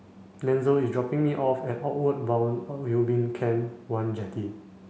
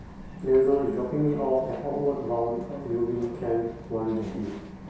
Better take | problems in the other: first | background sound (Bird vocalization, bird call, bird song); 16 dB below the speech // room echo; dies away in 0.7 s

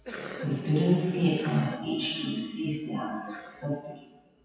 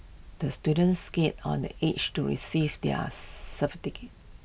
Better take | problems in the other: second | noise reduction (classical method WPE with log-MMSE)

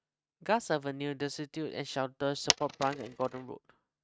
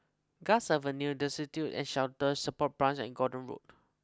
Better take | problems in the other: second | noise reduction (neural mask model RNNoise)

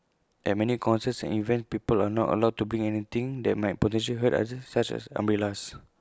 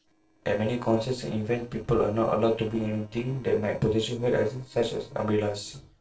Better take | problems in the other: first | noise reduction (neural separator model SepFormer DNS4)

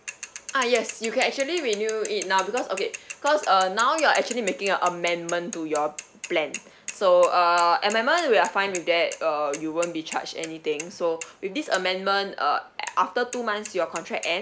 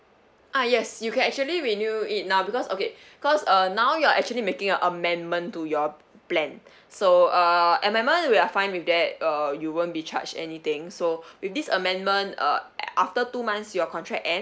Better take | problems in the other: second | background sound (Mechanisms / Bicycle); 15 dB below the speech

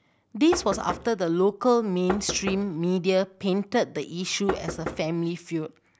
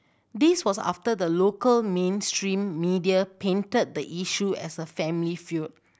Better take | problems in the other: second | background sound (Knock); 11 dB below the speech

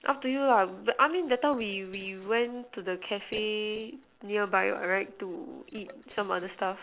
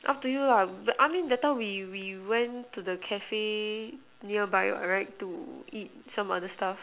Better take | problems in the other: second | noise reduction (neural separator model SepFormer DNS4)

